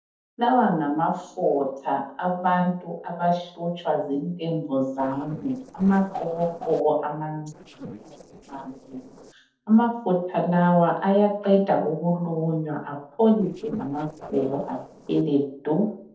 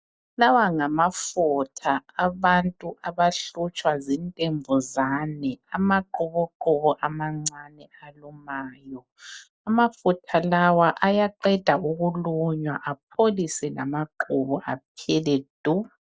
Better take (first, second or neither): second